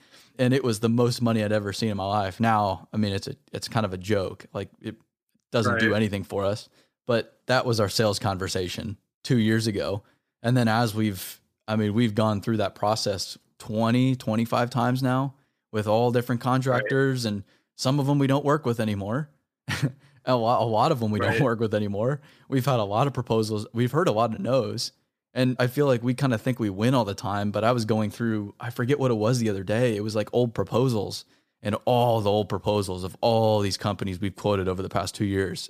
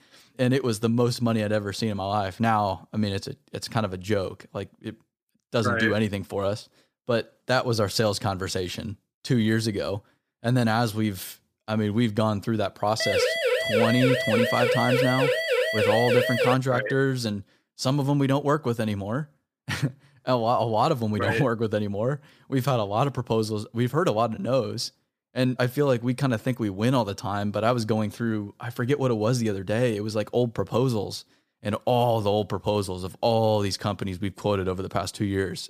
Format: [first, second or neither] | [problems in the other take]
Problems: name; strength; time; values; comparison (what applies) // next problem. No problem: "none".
first | siren; loud; from 13 to 17 s; peak 3 dB above the speech